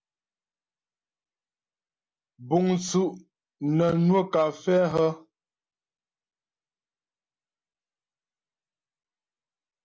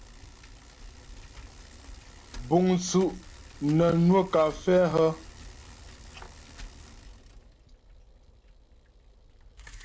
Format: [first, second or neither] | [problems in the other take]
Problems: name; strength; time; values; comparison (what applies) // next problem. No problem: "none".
first | background sound (Bicycle); 18 dB below the speech